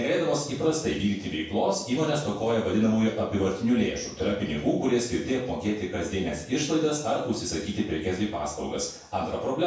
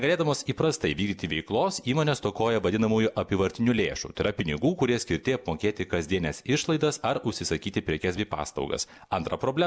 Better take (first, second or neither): second